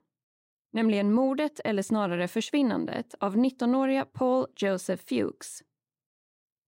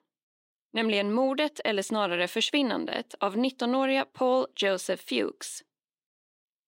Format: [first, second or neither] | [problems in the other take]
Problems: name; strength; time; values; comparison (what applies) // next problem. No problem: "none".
first | thin; very slightly; fading below 300 Hz